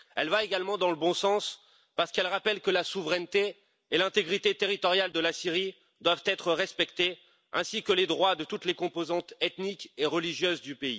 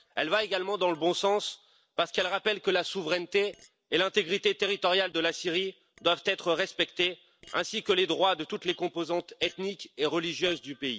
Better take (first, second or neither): first